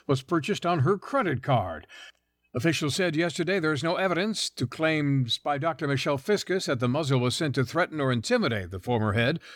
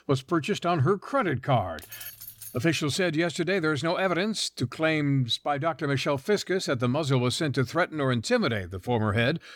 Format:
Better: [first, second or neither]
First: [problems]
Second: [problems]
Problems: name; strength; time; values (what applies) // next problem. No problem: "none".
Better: first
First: none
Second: jangling keys; faint; at 2 s; peak 15 dB below the speech